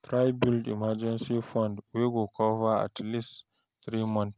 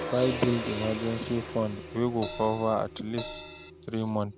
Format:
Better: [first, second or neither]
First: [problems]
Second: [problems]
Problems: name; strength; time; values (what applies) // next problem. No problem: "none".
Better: first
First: none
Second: background sound (Crash cymbal + Gong); 9 dB below the speech